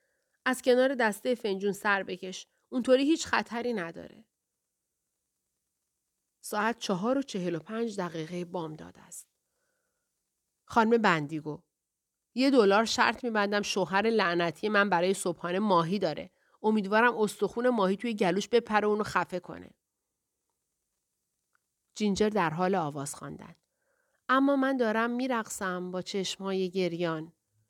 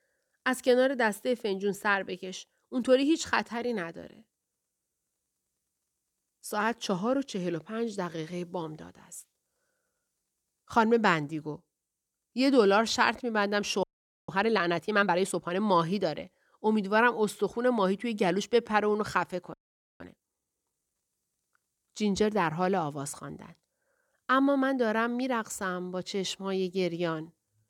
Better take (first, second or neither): first